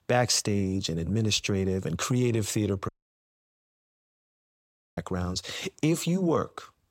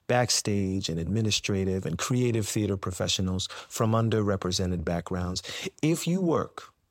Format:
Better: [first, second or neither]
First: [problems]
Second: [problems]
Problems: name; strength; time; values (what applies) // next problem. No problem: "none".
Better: second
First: audio cutting out; at 3 s for 2 s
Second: none